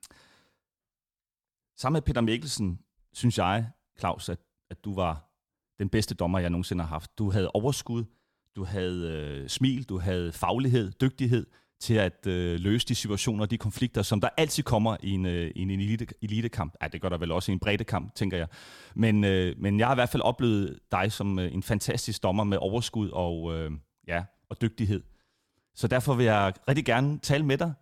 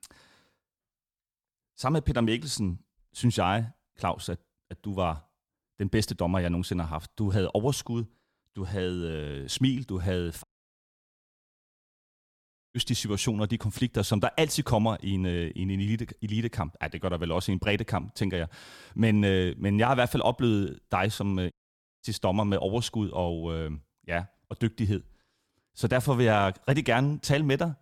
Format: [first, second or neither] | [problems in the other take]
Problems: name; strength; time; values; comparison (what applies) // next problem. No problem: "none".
first | audio cutting out; at 10 s for 2.5 s and at 22 s for 0.5 s